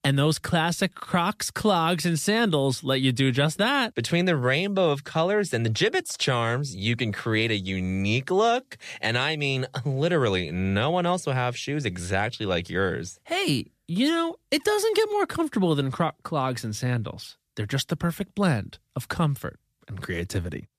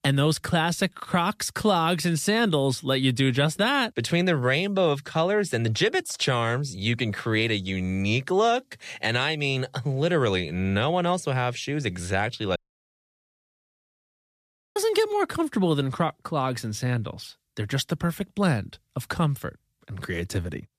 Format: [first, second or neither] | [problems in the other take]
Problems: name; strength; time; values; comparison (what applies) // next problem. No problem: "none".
first | audio cutting out; at 13 s for 2 s